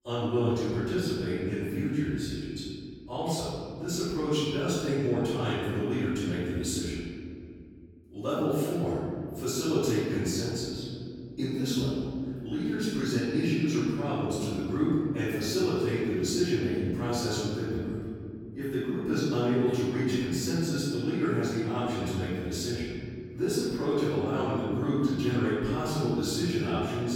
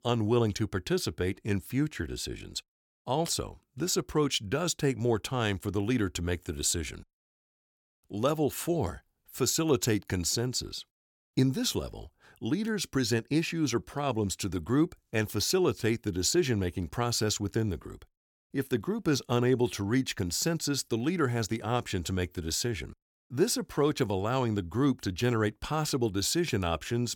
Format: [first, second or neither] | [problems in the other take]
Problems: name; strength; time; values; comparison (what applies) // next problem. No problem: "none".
second | off-mic speech; far // room echo; strong; dies away in 2.6 s